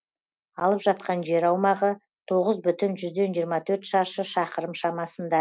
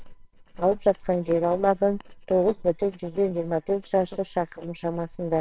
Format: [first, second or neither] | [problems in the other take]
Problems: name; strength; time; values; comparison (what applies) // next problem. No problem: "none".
first | noise reduction (neural separator model SepFormer WHAMR!)